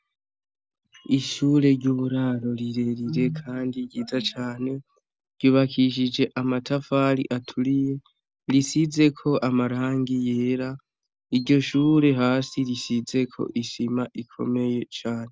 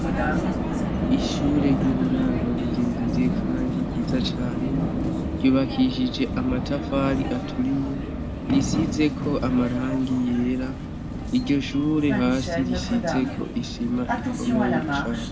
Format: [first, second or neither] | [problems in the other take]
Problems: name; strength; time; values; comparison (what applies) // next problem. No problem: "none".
first | background sound (Vehicle); 1 dB below the speech // room echo; dies away in 1.3 s